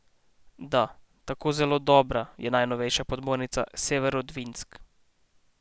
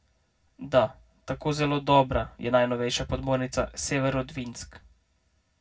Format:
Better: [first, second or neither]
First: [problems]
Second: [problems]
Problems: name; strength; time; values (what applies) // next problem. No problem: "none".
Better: first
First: none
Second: room echo; dies away in 0.4 s